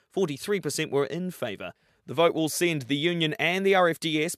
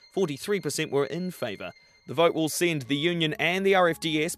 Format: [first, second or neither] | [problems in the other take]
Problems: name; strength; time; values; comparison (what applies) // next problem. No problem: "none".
first | background music; faint; throughout; 30 dB below the speech